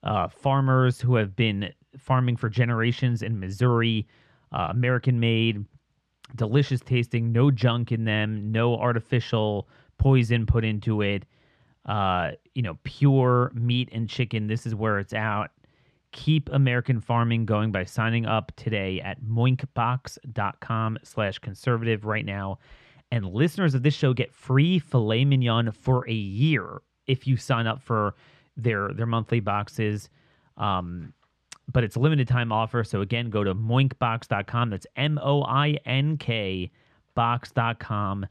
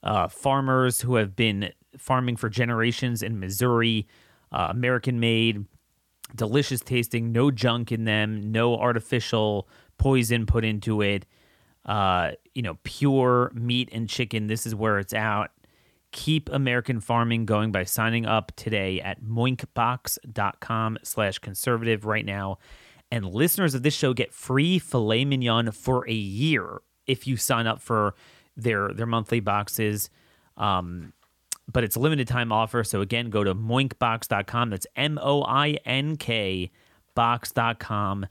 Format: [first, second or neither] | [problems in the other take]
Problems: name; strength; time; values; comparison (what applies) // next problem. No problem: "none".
second | muffled; slightly; fading above 3.5 kHz